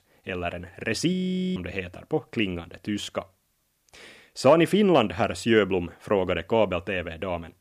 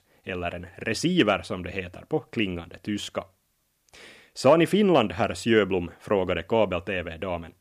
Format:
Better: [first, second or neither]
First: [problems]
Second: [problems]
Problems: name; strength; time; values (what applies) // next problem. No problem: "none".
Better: second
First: audio freezing; at 1 s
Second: none